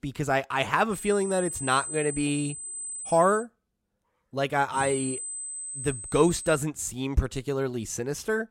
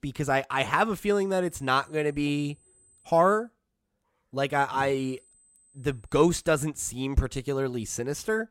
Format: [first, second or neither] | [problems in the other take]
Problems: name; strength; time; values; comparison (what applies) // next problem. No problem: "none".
second | high-pitched whine; loud; from 1 to 3.5 s and from 5 to 6.5 s; 8 kHz, 7 dB below the speech; faint in the second